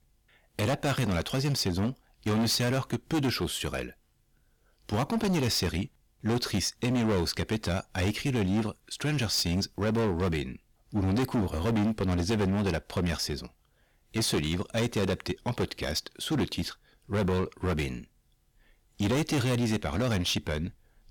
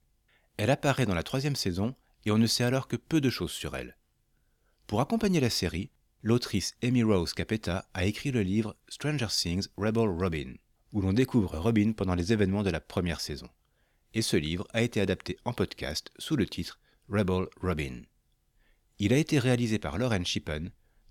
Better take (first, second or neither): second